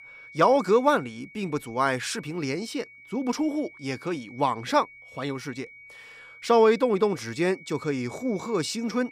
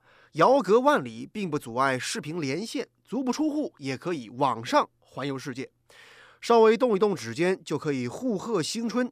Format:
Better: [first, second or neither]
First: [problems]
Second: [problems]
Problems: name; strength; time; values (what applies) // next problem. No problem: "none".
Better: second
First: high-pitched whine; faint; throughout; 2 kHz, 20 dB below the speech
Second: none